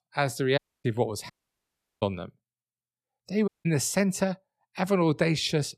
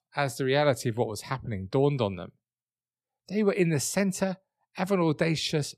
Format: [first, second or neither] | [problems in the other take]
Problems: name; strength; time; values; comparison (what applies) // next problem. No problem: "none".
second | audio cutting out; at 0.5 s, at 1.5 s for 0.5 s and at 3.5 s